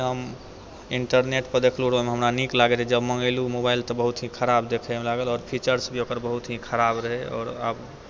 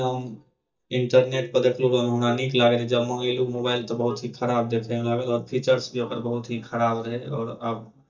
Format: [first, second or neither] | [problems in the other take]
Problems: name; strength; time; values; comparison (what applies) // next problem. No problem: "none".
first | noise reduction (neural mask model DeepFilterNet 3)